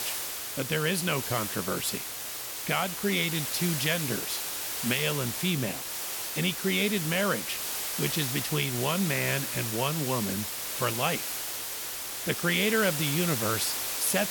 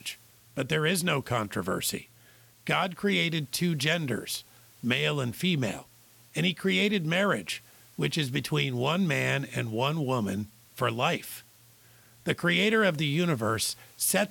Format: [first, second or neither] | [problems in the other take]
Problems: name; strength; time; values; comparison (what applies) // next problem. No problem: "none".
second | hiss; loud; throughout; 2 dB below the speech; faint in the second